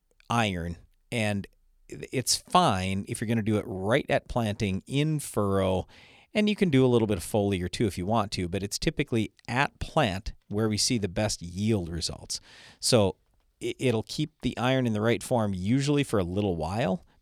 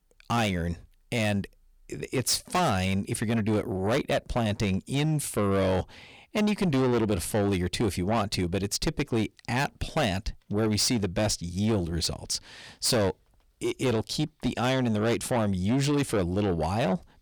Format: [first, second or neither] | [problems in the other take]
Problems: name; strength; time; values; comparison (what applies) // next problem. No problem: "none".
first | distortion; heavy; 7 dB below the speech